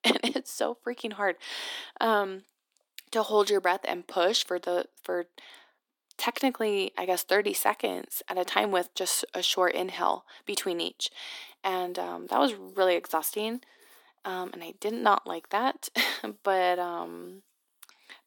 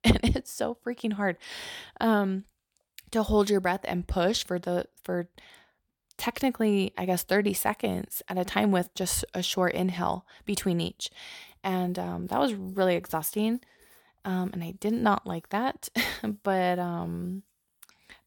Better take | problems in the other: second | thin; somewhat; fading below 250 Hz

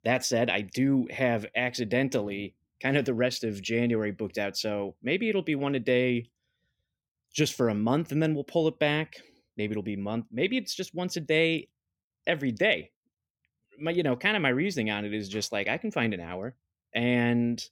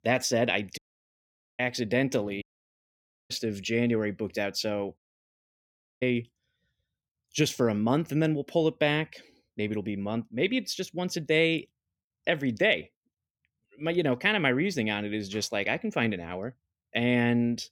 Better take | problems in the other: first | audio cutting out; at 1 s for 1 s, at 2.5 s for 1 s and at 5 s for 1 s

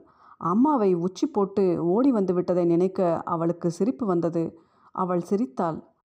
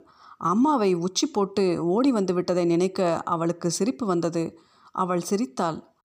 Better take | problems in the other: second | muffled; slightly; fading above 2 kHz

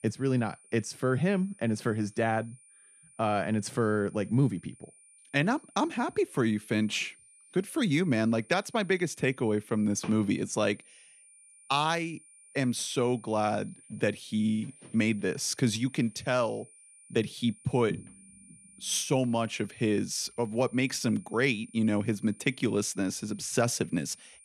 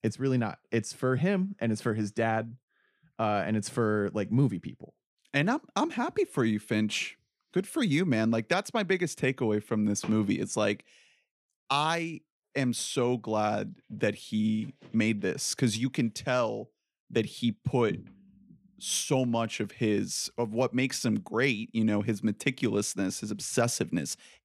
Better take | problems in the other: second | high-pitched whine; faint; throughout; 9 kHz, 25 dB below the speech

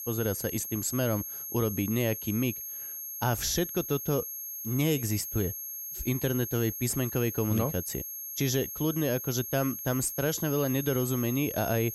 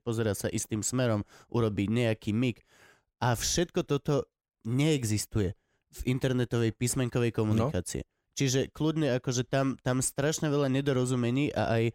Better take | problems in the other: second | high-pitched whine; loud; throughout; 11.5 kHz, 6 dB below the speech

